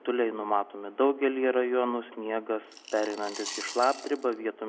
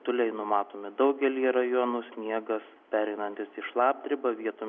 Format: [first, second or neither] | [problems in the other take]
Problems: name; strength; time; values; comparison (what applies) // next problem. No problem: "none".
second | background sound (Coin (dropping) / Glass); 13 dB below the speech